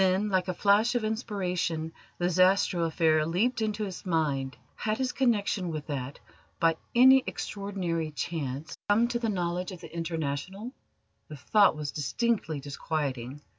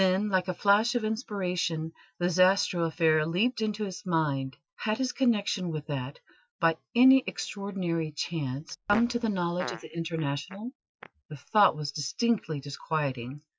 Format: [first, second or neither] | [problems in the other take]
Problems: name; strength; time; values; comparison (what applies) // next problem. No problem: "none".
first | noise reduction (classical method Wiener filter)